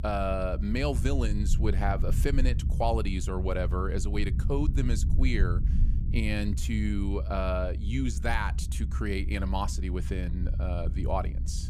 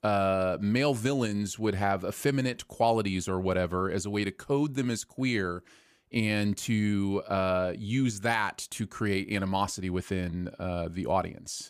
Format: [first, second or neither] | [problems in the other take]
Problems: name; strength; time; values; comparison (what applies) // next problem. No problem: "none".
second | low rumble; noticeable; throughout; 15 dB below the speech